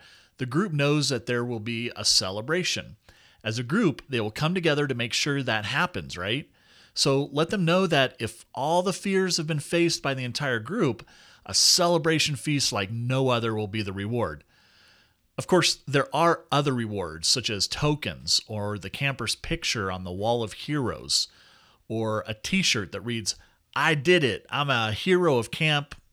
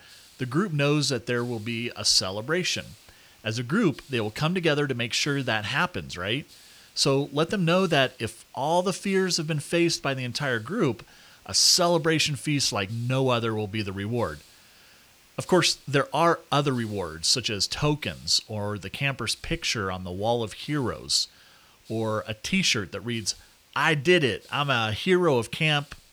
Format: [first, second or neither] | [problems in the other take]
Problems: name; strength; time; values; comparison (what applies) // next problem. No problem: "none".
first | hiss; faint; throughout; 30 dB below the speech